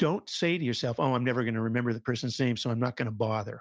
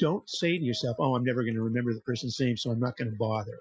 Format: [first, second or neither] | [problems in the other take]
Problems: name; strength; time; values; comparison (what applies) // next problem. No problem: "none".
first | noise reduction (classical method Wiener filter)